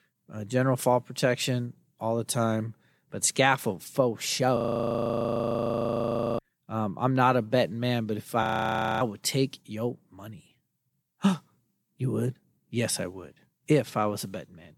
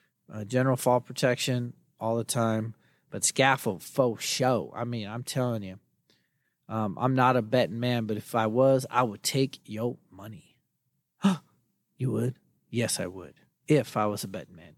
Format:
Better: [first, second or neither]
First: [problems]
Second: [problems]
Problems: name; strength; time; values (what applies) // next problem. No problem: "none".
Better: second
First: audio freezing; at 4.5 s for 2 s and at 8.5 s for 0.5 s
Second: none